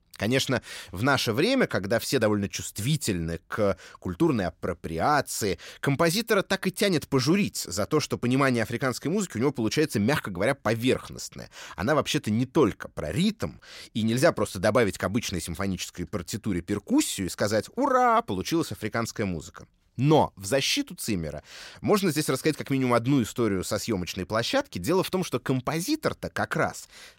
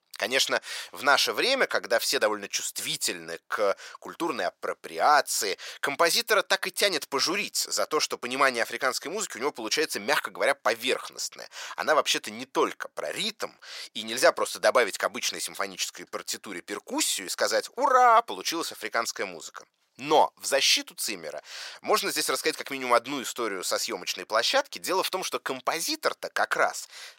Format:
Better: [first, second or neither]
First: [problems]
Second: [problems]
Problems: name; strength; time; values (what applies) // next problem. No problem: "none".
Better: first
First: none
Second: thin; very; fading below 700 Hz